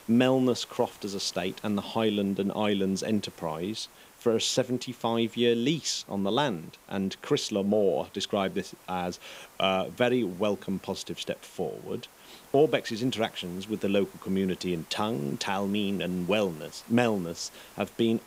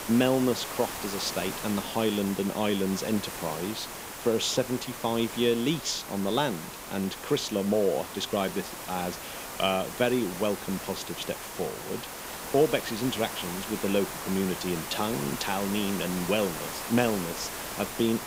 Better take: first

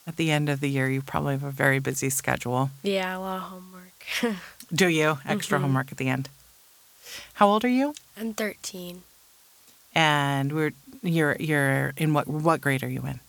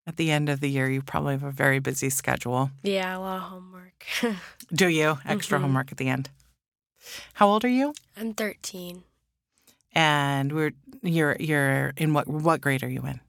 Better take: second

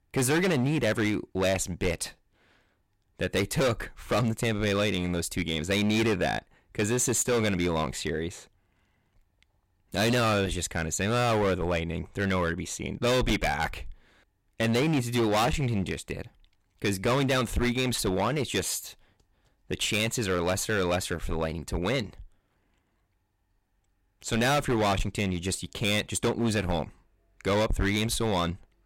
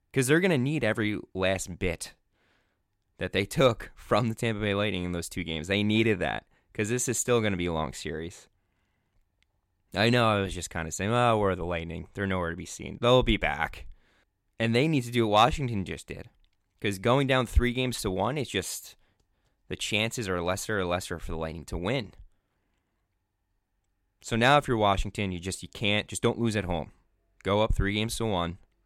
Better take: second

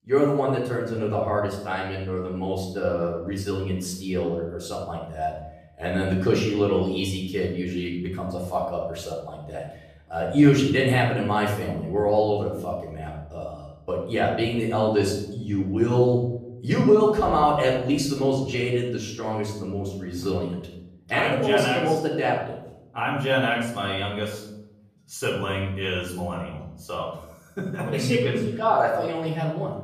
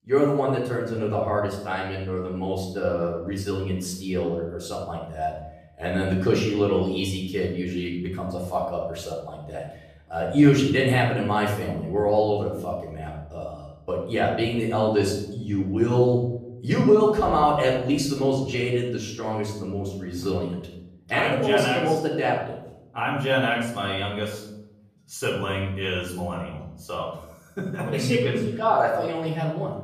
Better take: neither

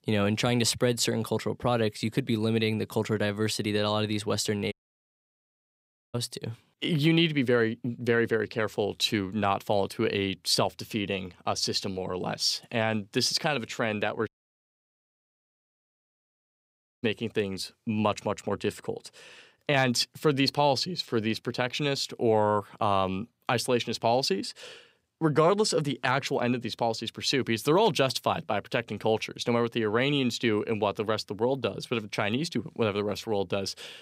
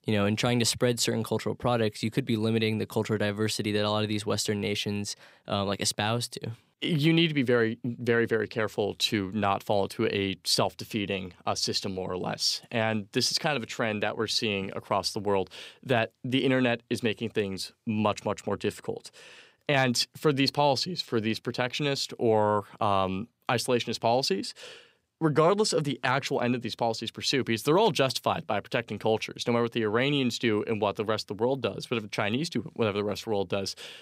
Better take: second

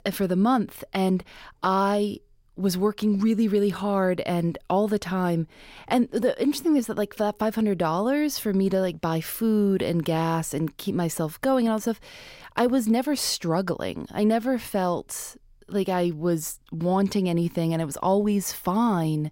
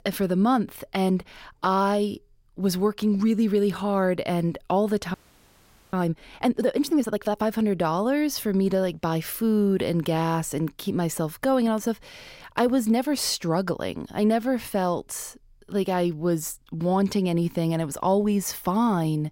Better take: first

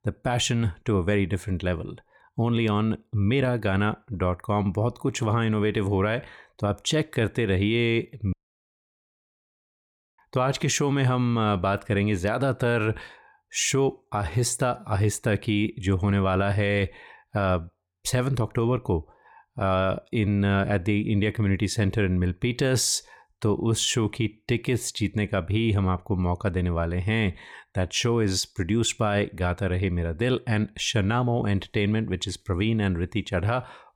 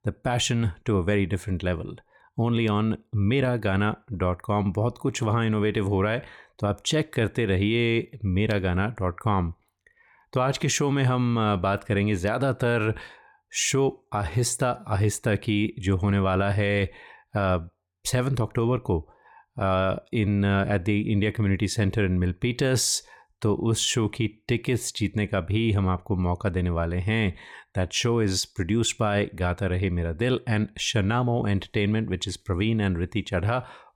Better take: second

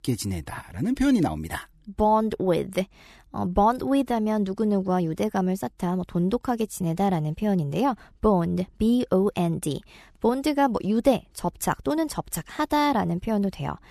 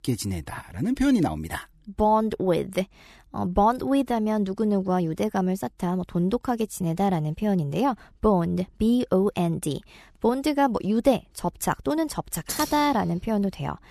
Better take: first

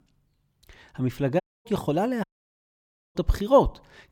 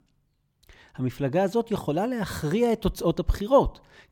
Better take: second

